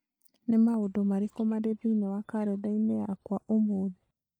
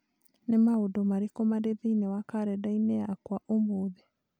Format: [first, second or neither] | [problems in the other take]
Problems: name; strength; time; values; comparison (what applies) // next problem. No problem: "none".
second | noise reduction (neural mask model DeepFilterNet 3)